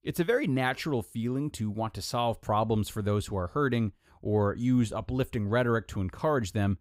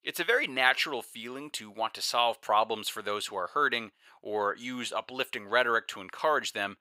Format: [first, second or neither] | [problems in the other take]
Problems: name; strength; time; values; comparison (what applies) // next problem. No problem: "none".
first | thin; very; fading below 600 Hz